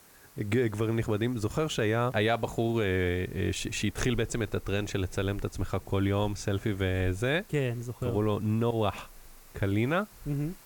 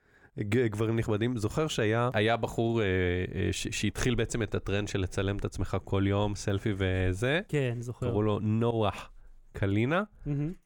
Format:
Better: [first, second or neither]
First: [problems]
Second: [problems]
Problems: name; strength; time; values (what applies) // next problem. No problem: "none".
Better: second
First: hiss; faint; throughout; 25 dB below the speech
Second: none